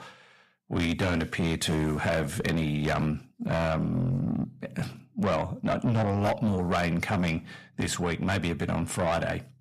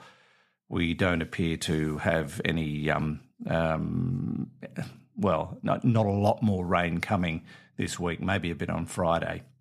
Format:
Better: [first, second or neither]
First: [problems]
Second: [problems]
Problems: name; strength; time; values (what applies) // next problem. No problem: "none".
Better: second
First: distortion; heavy; 7 dB below the speech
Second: none